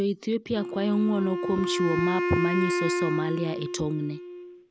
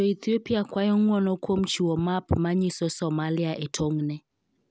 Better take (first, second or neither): second